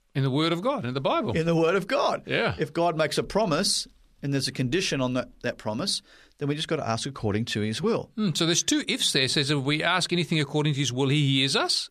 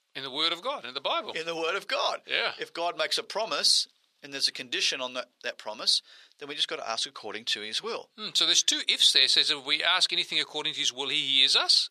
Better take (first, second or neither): first